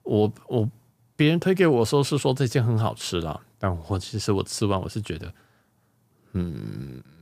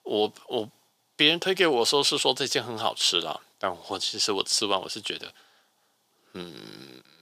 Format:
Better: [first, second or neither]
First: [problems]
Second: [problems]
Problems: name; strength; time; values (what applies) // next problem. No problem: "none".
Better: first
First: none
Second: thin; somewhat; fading below 400 Hz